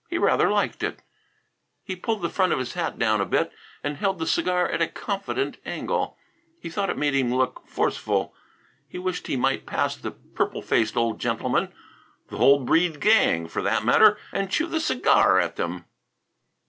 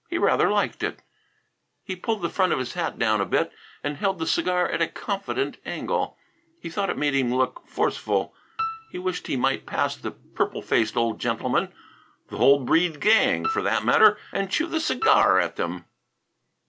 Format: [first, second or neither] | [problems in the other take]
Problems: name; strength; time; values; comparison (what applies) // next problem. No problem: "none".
first | background sound (Piano); 10 dB below the speech